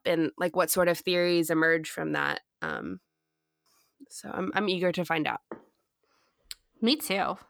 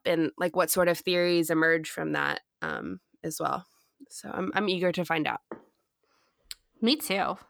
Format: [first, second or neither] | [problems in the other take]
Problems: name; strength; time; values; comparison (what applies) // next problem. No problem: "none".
second | audio freezing; at 3 s for 0.5 s